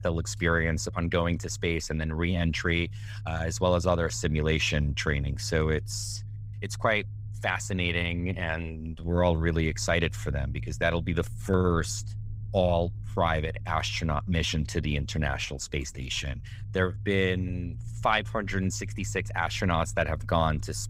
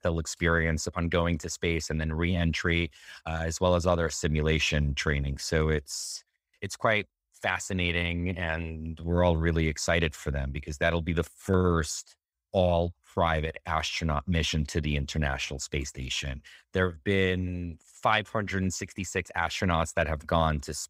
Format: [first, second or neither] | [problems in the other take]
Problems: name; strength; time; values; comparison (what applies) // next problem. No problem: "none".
second | low rumble; faint; throughout; 25 dB below the speech